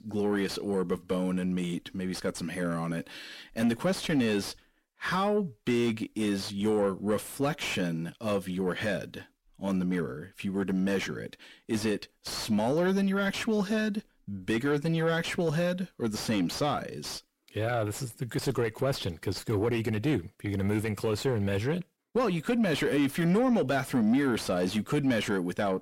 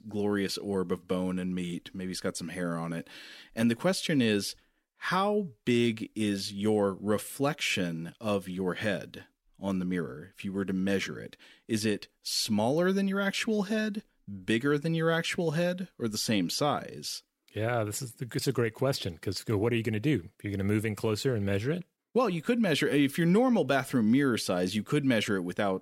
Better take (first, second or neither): second